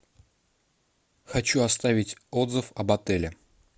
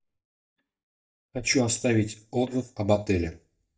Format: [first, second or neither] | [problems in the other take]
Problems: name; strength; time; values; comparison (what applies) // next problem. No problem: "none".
first | noise reduction (neural mask model DeepFilterNet 3)